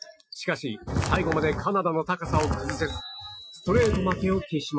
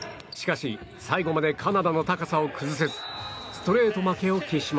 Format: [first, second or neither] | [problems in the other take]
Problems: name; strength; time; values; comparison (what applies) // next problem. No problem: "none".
second | noise reduction (classical method Wiener filter)